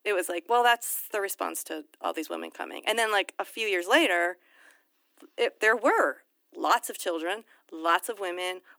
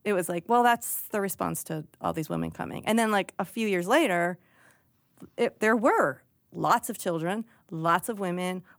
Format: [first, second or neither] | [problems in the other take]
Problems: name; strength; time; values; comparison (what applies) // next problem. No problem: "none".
second | thin; somewhat; fading below 300 Hz